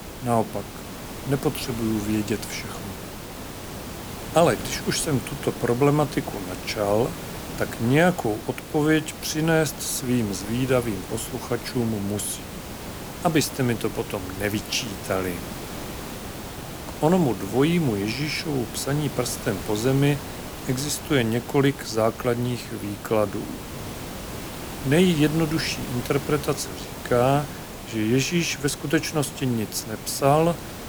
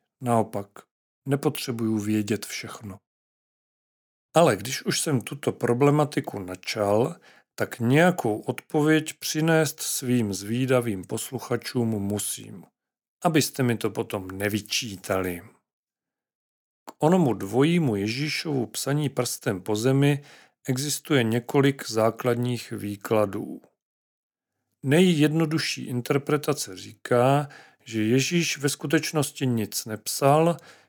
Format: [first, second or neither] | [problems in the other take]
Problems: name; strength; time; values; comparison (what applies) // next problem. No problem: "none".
second | hiss; noticeable; throughout; 10 dB below the speech